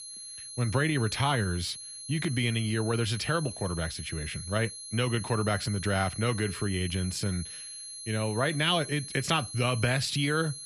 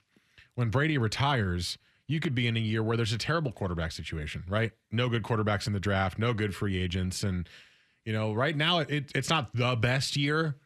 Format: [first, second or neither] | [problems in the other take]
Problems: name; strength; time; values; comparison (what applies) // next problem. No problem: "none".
second | high-pitched whine; loud; throughout; 4 kHz, 10 dB below the speech